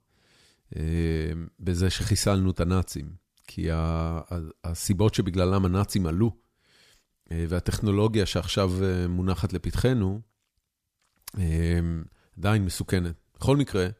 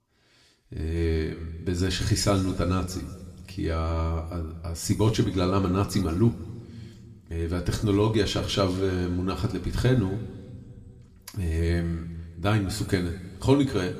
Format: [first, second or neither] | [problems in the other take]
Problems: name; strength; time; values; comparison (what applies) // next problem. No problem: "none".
first | room echo; slight; dies away in 1.7 s